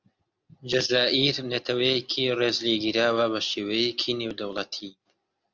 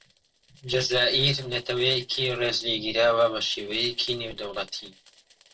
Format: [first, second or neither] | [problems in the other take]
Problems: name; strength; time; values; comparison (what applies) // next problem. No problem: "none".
first | noise reduction (neural separator model SepFormer DNS4)